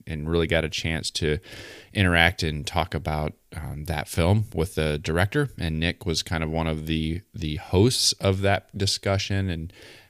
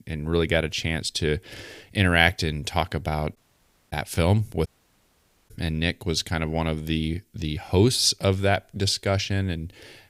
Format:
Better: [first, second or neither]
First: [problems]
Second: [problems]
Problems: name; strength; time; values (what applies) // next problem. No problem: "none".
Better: first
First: none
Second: audio cutting out; at 3.5 s for 0.5 s and at 4.5 s for 1 s